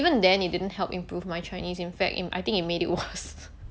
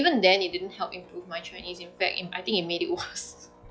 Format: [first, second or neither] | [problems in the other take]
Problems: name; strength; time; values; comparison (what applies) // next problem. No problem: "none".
first | noise reduction (classical method log-MMSE)